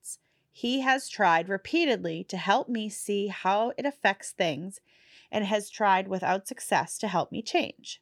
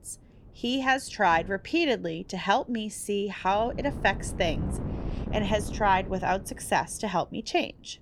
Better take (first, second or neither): first